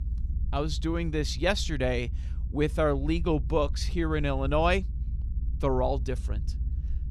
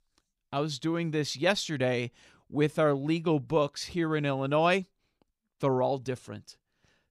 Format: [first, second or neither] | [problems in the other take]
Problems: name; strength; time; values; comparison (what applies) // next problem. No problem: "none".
second | low rumble; faint; throughout; 25 dB below the speech